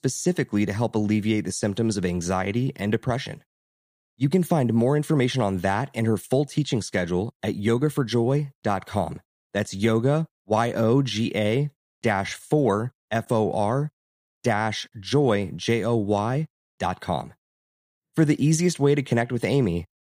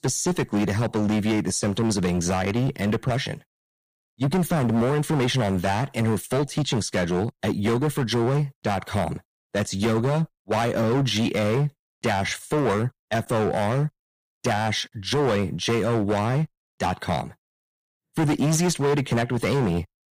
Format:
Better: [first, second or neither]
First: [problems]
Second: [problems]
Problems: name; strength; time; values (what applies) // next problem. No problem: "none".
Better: first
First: none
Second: distortion; heavy; 16% of the sound clipped